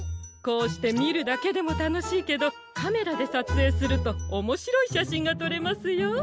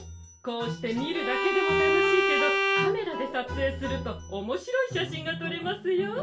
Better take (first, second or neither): first